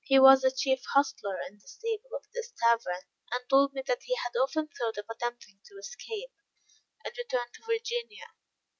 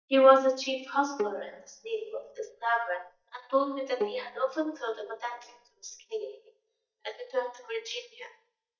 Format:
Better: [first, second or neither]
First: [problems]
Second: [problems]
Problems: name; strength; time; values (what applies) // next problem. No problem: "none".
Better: first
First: none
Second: noise reduction (neural mask model DeepFilterNet 3)